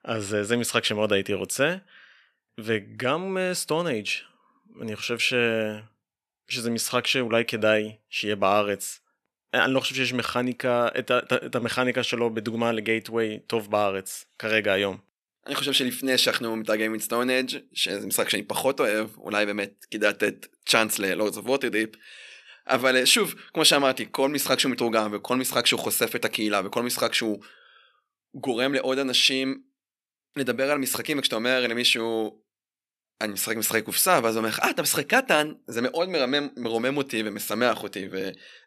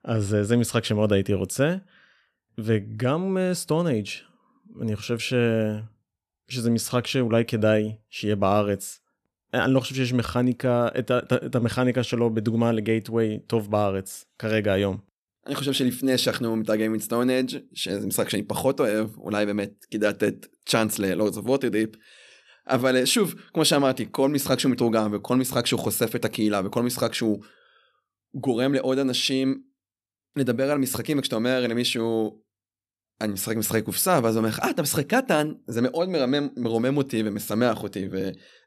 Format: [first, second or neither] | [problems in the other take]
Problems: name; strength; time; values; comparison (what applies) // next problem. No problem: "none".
second | thin; very slightly; fading below 500 Hz